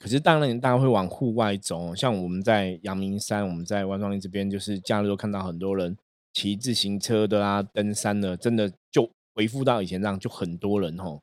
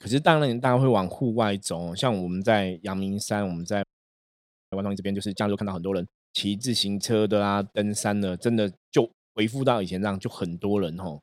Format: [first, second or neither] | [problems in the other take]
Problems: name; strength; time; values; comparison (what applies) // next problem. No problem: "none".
first | audio freezing; at 4 s for 1 s